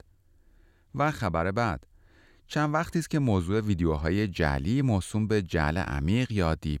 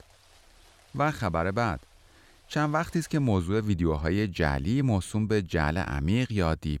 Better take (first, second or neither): first